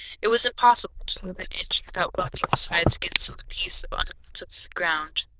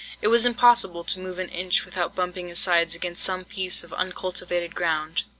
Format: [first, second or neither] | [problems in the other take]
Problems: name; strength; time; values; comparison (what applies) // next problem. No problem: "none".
second | noise reduction (neural diffusion model UNIVERSE++)